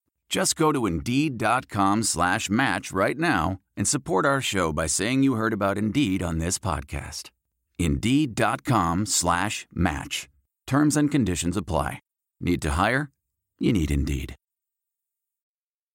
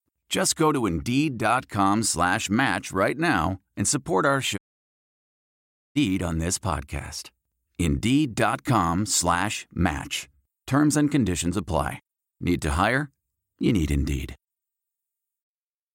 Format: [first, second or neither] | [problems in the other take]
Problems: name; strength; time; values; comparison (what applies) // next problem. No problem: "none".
first | audio cutting out; at 4.5 s for 1.5 s